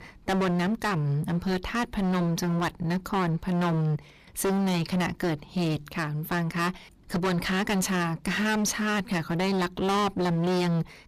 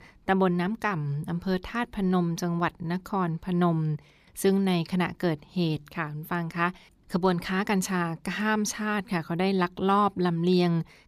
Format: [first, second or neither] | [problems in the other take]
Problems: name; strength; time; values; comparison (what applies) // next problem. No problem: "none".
second | distortion; heavy; 27% of the sound clipped